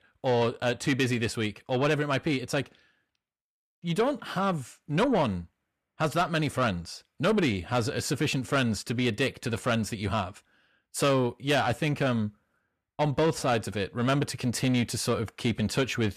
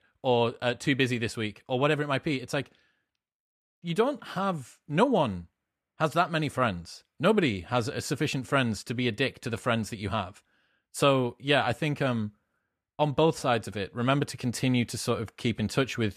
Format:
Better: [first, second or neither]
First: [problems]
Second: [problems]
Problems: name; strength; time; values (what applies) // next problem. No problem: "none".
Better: second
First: distortion; slight; 10 dB below the speech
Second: none